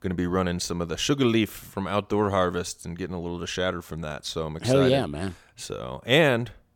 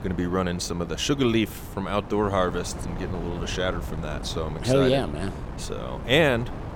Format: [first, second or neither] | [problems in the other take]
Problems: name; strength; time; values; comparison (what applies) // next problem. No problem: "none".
first | wind noise on the microphone; occasional gusts; 15 dB below the speech